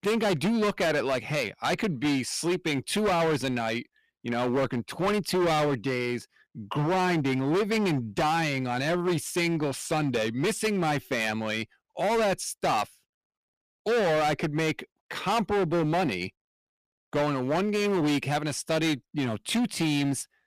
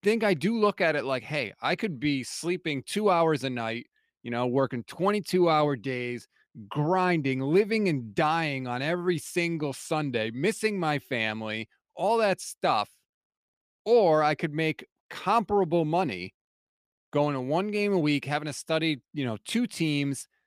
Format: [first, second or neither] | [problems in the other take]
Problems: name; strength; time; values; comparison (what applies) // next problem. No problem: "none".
second | distortion; heavy; 18% of the sound clipped